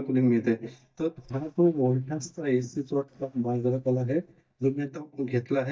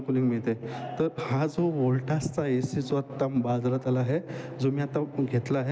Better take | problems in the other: second | noise reduction (neural mask model DeepFilterNet 3)

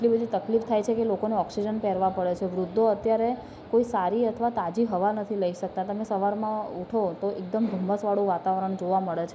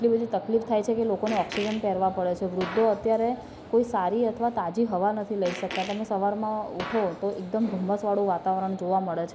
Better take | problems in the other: first | background sound (Fart); 15 dB below the speech

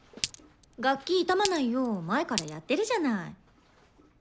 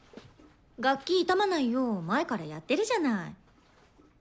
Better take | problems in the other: second | background sound (Glass); 11 dB below the speech

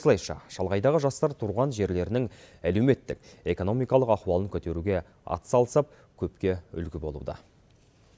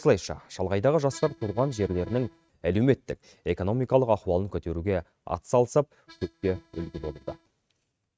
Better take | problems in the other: first | noise reduction (neural mask model RNNoise)

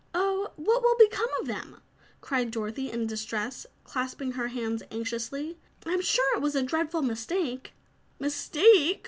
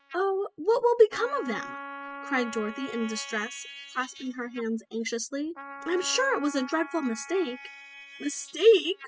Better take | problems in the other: first | noise reduction (classical method spectral subtraction)

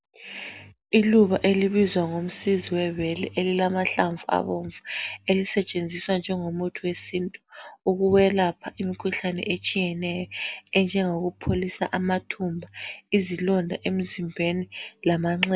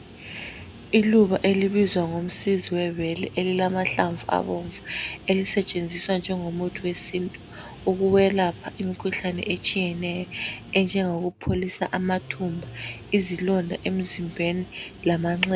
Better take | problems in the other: first | background sound (Guitar); 18 dB below the speech

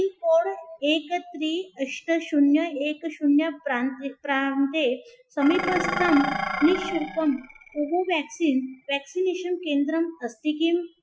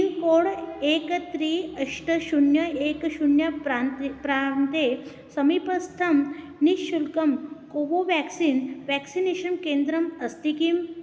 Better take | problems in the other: second | noise reduction (classical method Wiener filter)

